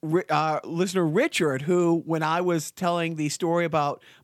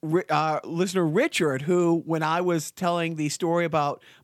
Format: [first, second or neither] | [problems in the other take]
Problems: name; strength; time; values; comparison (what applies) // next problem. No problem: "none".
neither | none